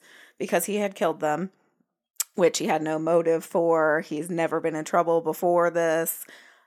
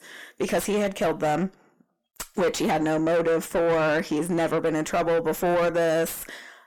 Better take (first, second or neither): first